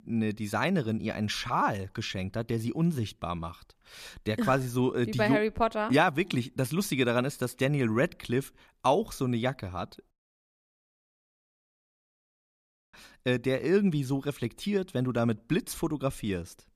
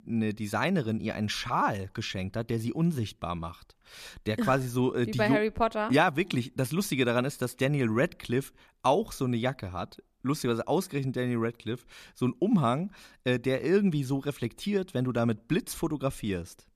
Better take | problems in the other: second | audio cutting out; at 10 s for 3 s

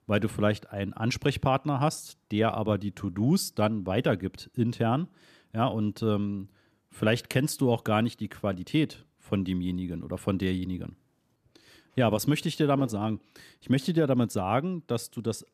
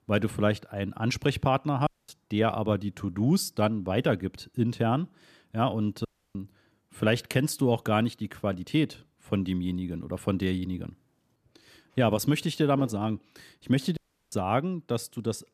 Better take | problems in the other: first | audio cutting out; at 2 s, at 6 s and at 14 s

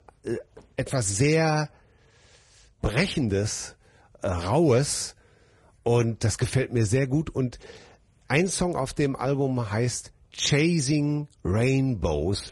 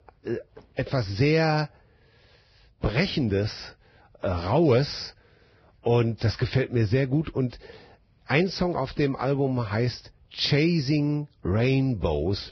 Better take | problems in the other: first | garbled, watery; badly; nothing above 5.5 kHz; slightly in the first

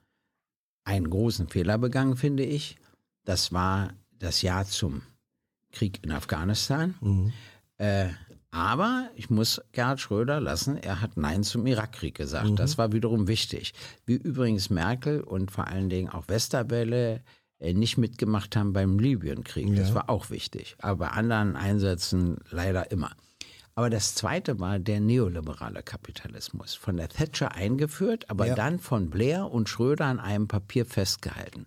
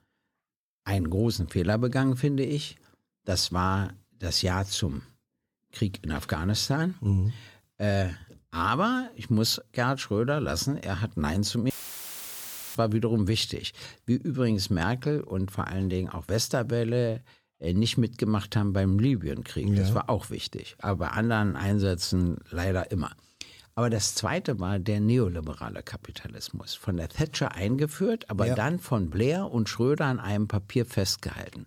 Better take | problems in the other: first | audio cutting out; filled with static; at 12 s for 1 s

